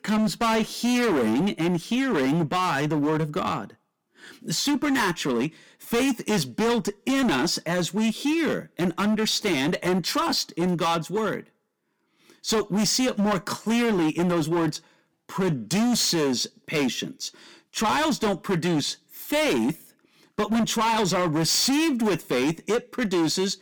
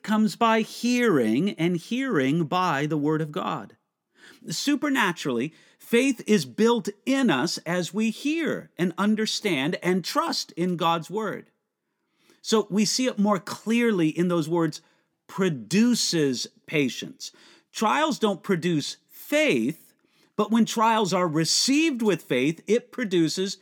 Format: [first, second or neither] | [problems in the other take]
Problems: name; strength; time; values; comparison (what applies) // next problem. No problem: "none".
second | distortion; heavy; 20% of the sound clipped